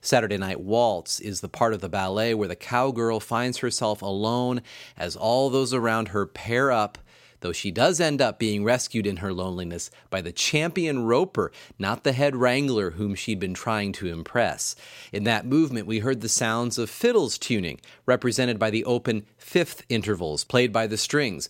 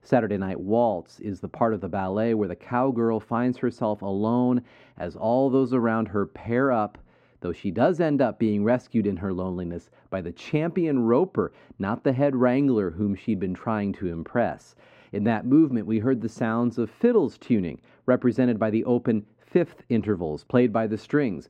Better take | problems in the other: first | muffled; very; fading above 3 kHz

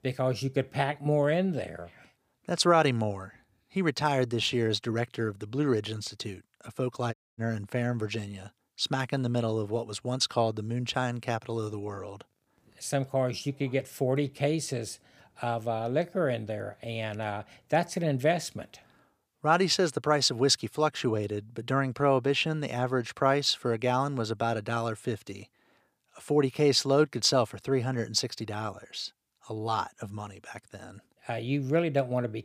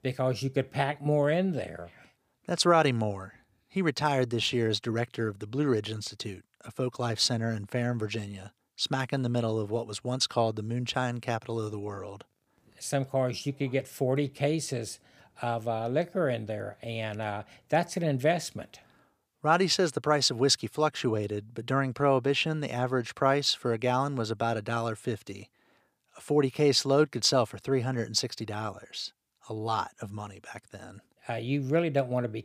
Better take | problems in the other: second | audio cutting out; at 7 s

